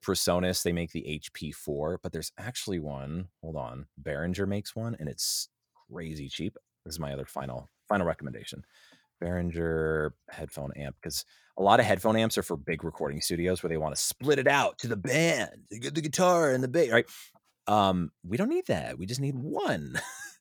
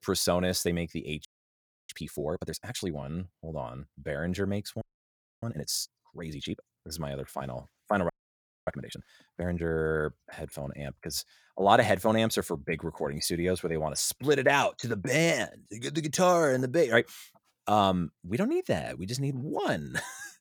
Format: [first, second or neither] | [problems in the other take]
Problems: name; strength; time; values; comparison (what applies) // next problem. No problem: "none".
first | audio freezing; at 1.5 s for 0.5 s, at 5 s for 0.5 s and at 8 s for 0.5 s